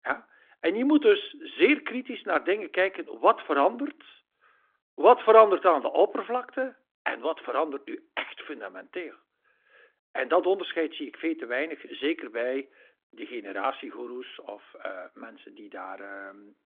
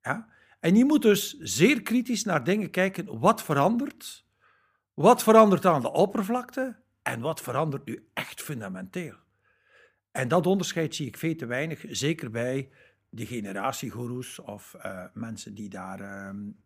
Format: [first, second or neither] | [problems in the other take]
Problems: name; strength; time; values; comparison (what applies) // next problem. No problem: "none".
second | phone-call audio; nothing above 3.5 kHz